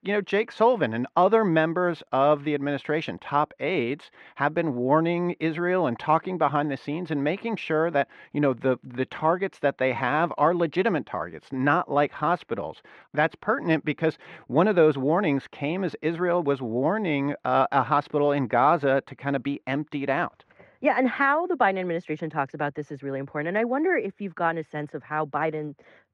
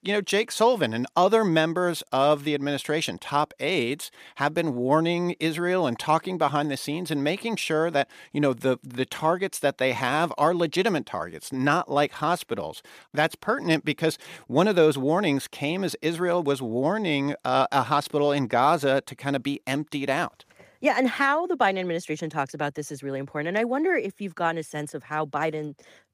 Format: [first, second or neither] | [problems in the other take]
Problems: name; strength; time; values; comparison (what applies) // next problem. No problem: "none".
second | muffled; very; fading above 2 kHz